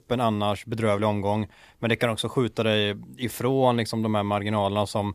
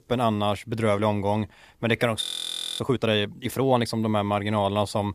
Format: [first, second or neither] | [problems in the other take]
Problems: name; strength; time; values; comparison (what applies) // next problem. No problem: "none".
first | audio freezing; at 2 s for 0.5 s